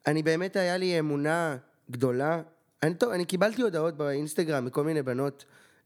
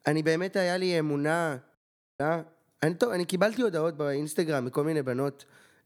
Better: first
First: none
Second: audio cutting out; at 2 s

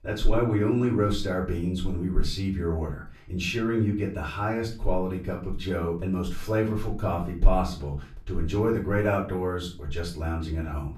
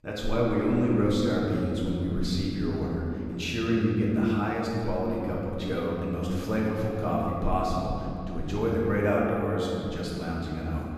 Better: first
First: room echo; slight; dies away in 0.3 s // off-mic speech; far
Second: room echo; strong; dies away in 2.9 s // off-mic speech; far

